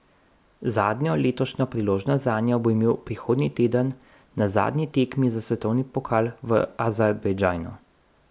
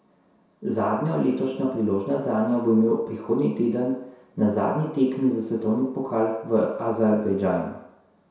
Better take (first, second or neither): first